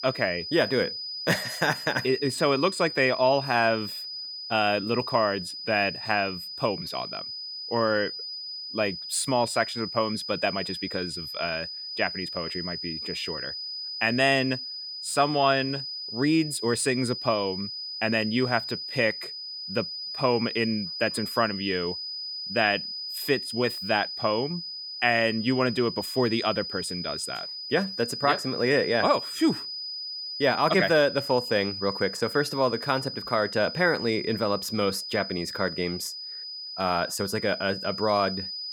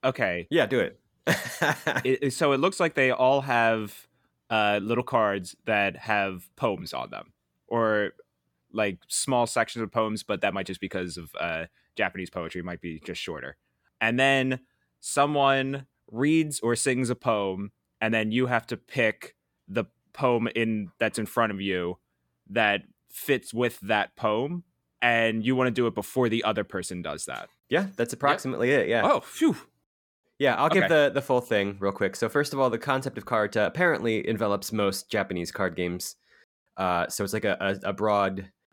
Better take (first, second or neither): second